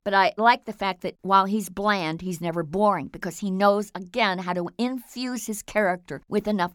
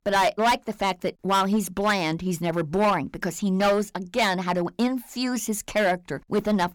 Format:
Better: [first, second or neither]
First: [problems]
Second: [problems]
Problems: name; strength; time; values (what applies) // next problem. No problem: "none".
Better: first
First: none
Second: distortion; heavy; 8% of the sound clipped